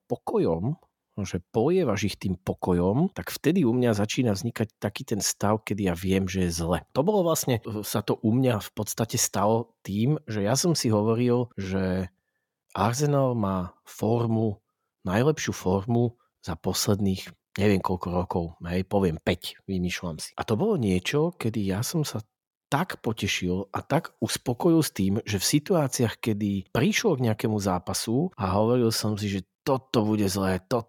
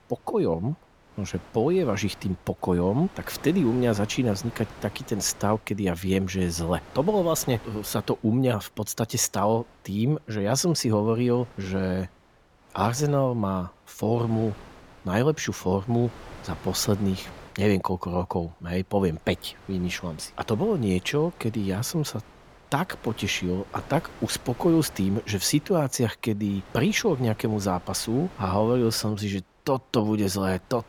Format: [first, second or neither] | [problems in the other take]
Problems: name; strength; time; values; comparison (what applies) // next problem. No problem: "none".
first | wind noise on the microphone; occasional gusts; 20 dB below the speech